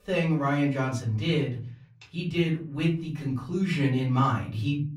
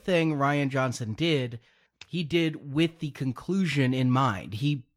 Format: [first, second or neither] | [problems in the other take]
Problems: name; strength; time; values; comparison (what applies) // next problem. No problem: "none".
second | off-mic speech; far // room echo; slight; dies away in 0.5 s